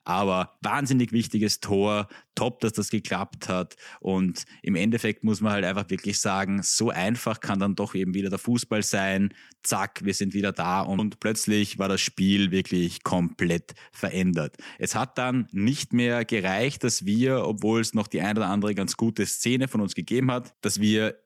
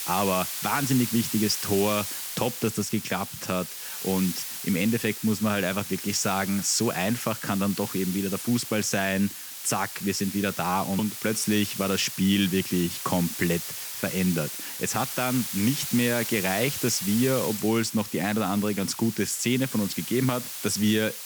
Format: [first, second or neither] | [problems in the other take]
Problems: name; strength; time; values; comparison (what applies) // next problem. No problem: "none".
first | hiss; loud; throughout; 6 dB below the speech